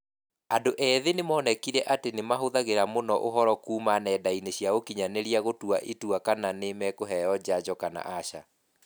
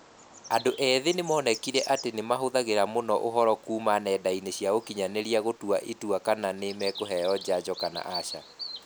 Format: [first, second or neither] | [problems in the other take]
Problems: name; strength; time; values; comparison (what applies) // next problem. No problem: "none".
first | background sound (Bird vocalization, bird call, bird song); 16 dB below the speech